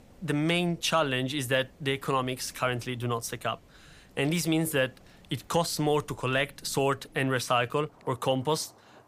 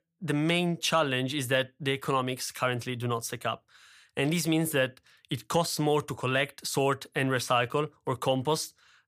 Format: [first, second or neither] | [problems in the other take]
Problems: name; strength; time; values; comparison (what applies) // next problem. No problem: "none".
second | rain or running water; faint; throughout; 25 dB below the speech